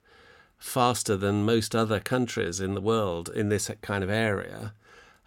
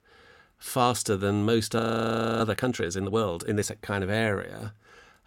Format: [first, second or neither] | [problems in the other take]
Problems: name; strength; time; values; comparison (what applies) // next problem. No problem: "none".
first | audio freezing; at 2 s for 0.5 s